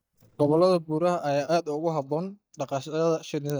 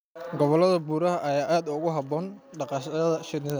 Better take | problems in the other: second | noise reduction (neural mask model DeepFilterNet 3)

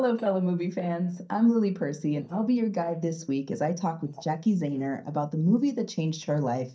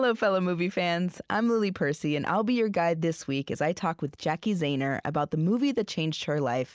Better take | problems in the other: second | noise reduction (neural mask model DeepFilterNet 3)

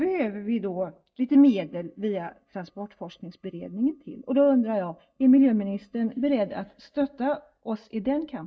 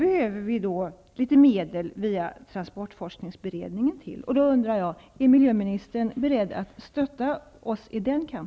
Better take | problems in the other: second | noise reduction (neural mask model DeepFilterNet 3)

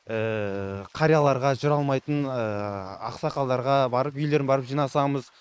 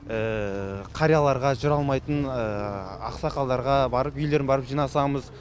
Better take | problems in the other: second | noise reduction (neural mask model Resemble Enhance denoiser)

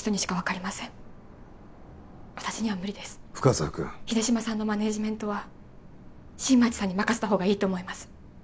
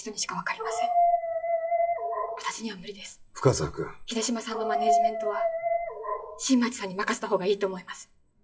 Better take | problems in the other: first | noise reduction (classical method WPE with log-MMSE)

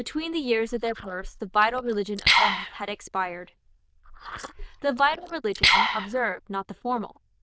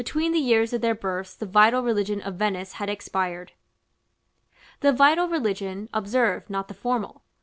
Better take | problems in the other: second | noise reduction (neural diffusion model UNIVERSE++)

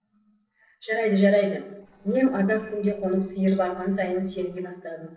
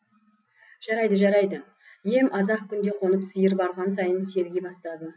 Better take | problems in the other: second | noise reduction (neural separator model SepFormer DNS4)

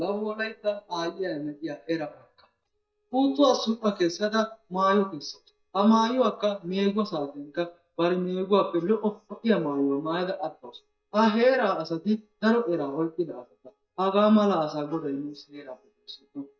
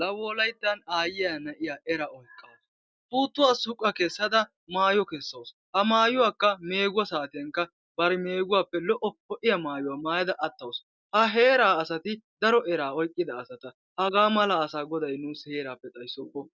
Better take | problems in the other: second | noise reduction (neural mask model DeepFilterNet 3)

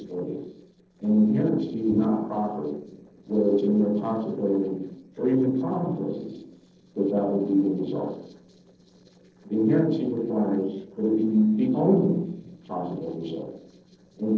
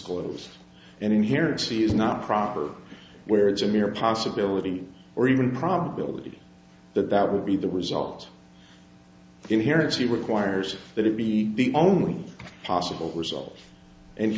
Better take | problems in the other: second | noise reduction (neural separator model SepFormer DNS4)

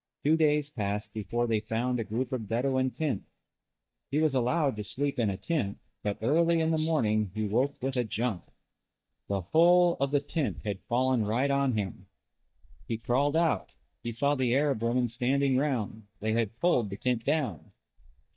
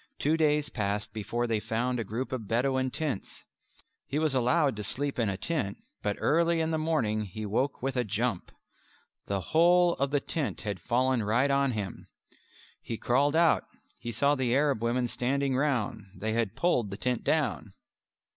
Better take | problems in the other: second | noise reduction (neural mask model DeepFilterNet 3)

